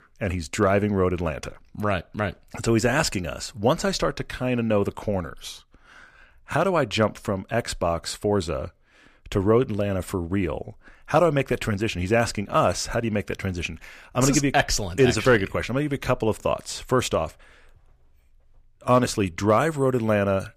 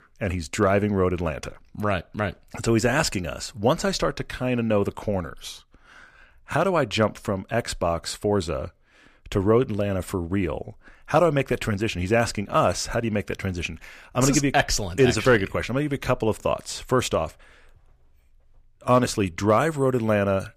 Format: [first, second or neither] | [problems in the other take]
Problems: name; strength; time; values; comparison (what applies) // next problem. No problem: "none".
neither | none